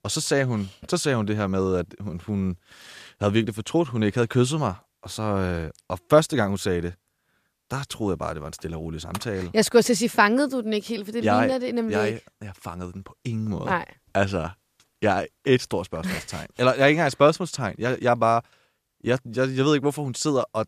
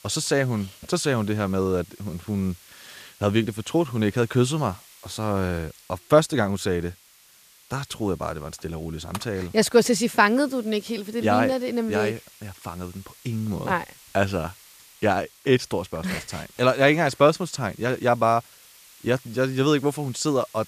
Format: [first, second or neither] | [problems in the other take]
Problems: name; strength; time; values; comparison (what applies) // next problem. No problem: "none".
first | hiss; faint; throughout; 25 dB below the speech